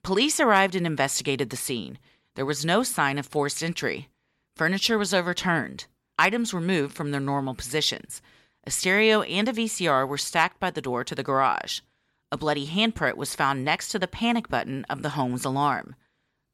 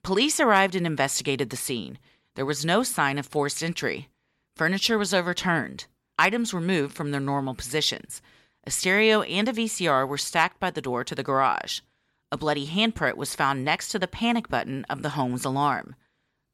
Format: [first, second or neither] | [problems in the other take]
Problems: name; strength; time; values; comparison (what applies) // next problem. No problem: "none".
neither | none